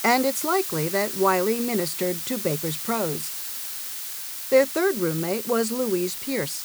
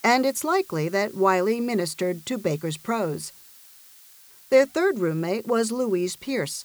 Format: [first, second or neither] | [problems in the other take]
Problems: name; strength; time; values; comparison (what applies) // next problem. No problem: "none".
second | hiss; loud; throughout; 5 dB below the speech; faint in the second